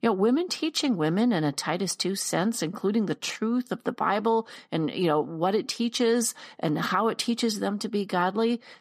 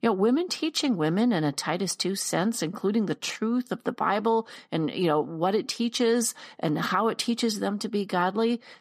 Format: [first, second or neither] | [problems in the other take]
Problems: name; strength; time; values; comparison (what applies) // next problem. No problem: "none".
neither | none